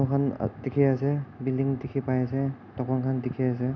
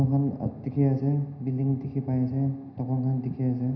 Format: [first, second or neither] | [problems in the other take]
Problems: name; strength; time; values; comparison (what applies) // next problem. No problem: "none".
first | room echo; dies away in 0.9 s